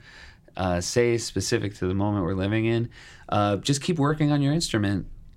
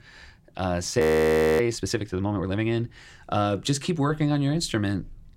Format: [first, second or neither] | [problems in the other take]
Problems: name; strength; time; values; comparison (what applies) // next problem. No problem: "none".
first | audio freezing; at 1 s for 0.5 s